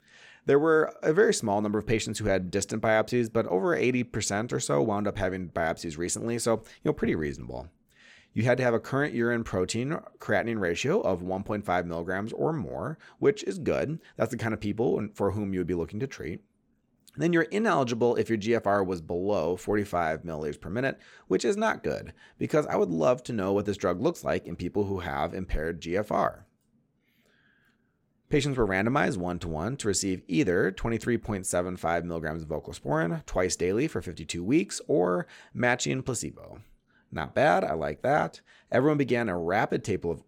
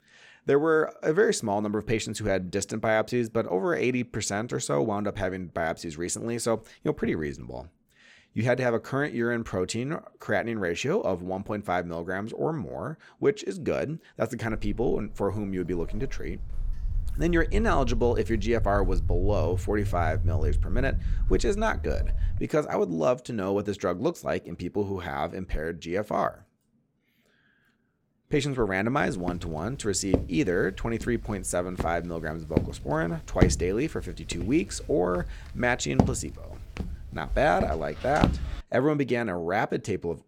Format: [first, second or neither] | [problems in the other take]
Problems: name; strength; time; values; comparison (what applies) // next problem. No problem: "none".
first | footsteps; loud; from 15 to 22 s and from 29 to 39 s; peak 3 dB above the speech